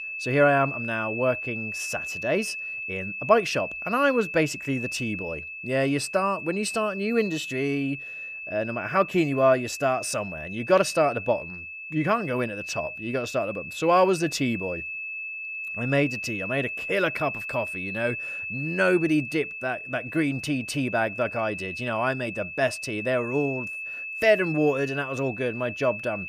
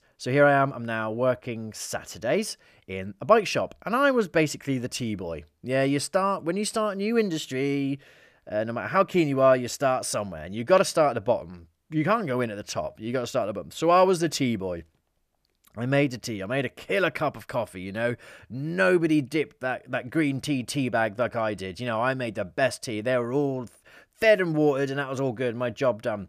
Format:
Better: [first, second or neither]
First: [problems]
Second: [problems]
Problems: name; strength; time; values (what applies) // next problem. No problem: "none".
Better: second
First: high-pitched whine; loud; throughout; 2.5 kHz, 7 dB below the speech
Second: none